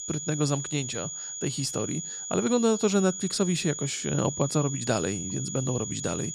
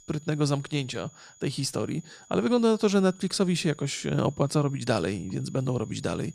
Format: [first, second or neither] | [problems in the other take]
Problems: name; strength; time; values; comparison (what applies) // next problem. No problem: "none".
second | high-pitched whine; loud; throughout; 7 kHz, 5 dB below the speech; faint in the second